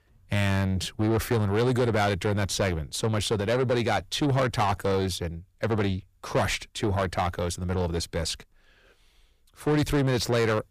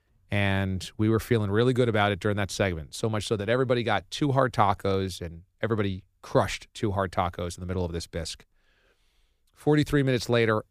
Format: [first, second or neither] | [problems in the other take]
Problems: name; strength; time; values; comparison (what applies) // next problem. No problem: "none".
second | distortion; heavy; 7 dB below the speech